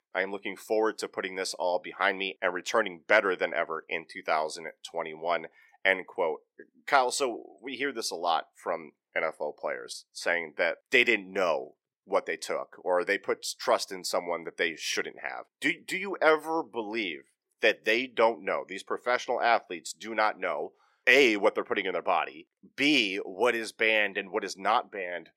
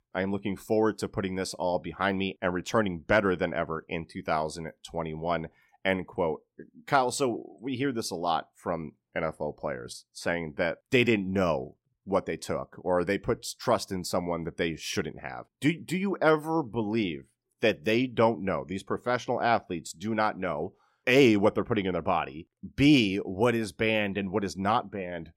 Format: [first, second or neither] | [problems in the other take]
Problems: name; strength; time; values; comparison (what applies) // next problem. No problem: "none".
second | thin; somewhat; fading below 450 Hz